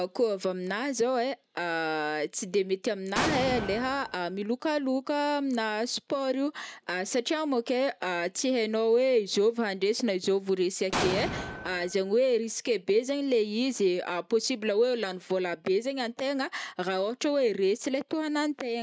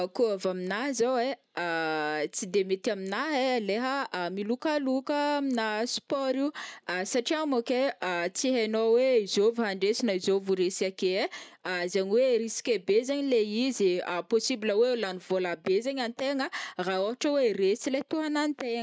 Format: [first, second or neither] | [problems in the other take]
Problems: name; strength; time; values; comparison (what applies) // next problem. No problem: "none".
second | background sound (Explosion); 6 dB below the speech